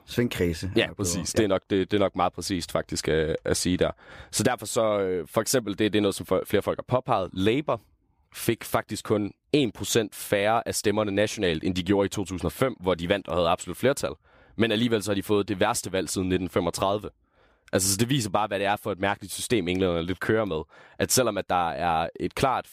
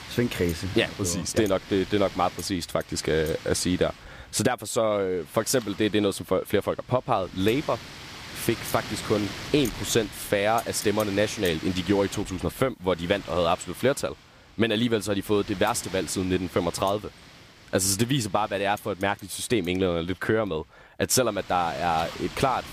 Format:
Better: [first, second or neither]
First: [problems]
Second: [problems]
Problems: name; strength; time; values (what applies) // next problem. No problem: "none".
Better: first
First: none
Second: wind noise on the microphone; occasional gusts; 15 dB below the speech